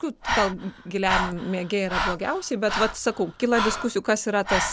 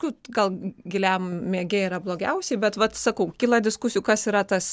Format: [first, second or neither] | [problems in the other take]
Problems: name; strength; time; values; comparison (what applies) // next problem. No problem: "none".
second | background sound (Breathing); 4 dB below the speech